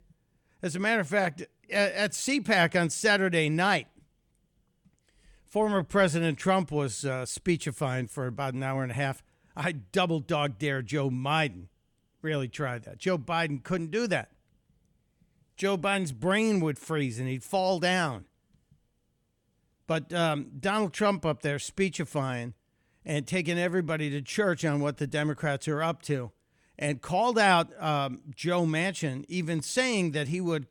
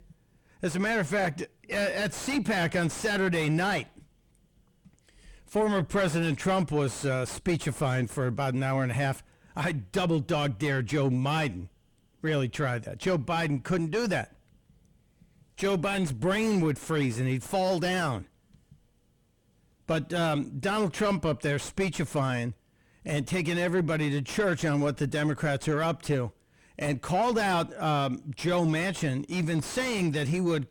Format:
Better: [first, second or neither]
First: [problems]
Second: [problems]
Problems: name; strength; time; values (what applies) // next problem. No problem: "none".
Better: first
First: none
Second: distortion; heavy; 5 dB below the speech